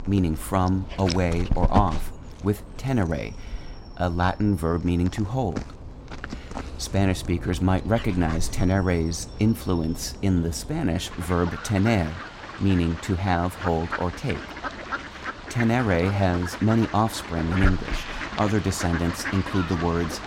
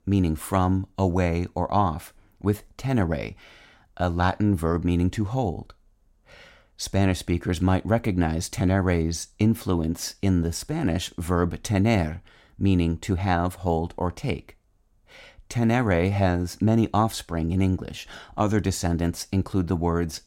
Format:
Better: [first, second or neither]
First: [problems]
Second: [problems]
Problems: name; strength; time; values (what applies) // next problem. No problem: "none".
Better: second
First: animal sounds; loud; throughout; 9 dB below the speech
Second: none